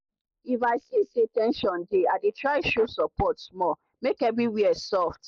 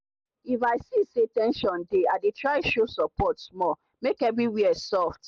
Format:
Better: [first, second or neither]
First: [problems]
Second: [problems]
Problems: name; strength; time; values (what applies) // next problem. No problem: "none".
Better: second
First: noise reduction (neural mask model Resemble Enhance denoiser)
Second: none